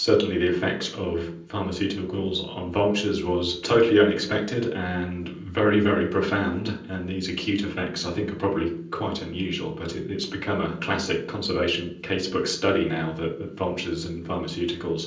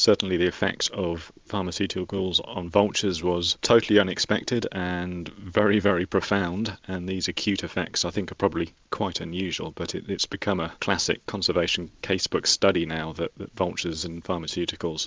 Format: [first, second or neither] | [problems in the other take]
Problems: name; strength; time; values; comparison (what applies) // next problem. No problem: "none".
second | room echo; dies away in 0.6 s